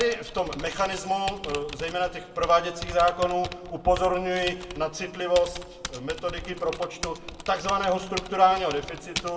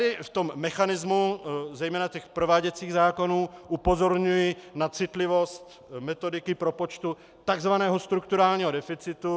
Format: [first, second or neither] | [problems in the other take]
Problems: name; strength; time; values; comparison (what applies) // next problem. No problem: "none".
second | background sound (Typing); 12 dB below the speech // room echo; dies away in 0.9 s